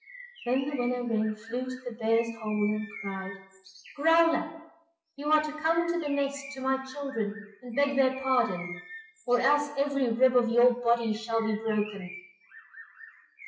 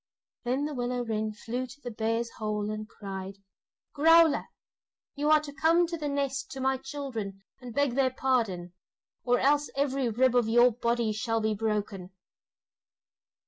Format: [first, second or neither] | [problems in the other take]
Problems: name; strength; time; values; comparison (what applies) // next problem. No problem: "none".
second | noise reduction (classical method WPE with log-MMSE)